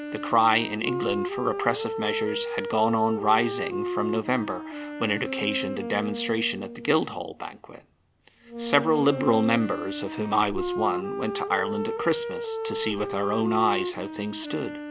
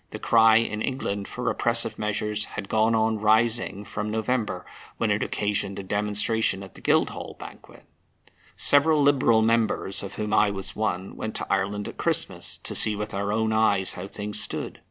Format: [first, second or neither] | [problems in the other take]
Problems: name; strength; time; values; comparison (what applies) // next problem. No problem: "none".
second | background sound (Wind instrument, woodwind instrument); 5 dB below the speech